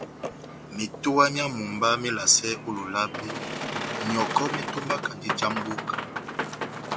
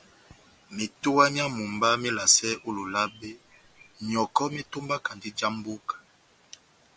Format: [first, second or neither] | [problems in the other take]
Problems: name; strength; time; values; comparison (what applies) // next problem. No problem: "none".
second | background sound (Boat, Water vehicle); 6 dB below the speech